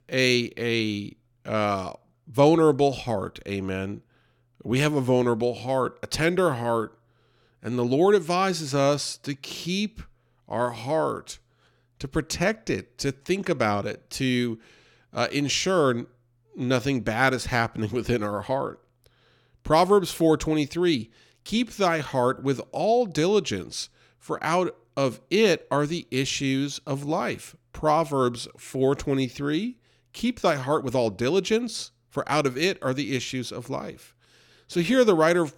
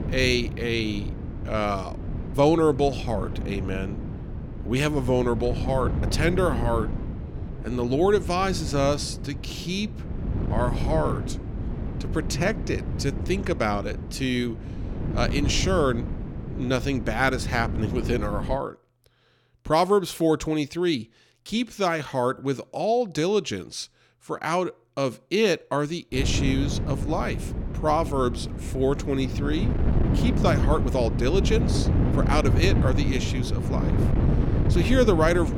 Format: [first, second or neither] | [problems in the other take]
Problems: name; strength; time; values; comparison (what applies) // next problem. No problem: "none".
first | wind noise on the microphone; occasional gusts; until 19 s and from 26 s on; 10 dB below the speech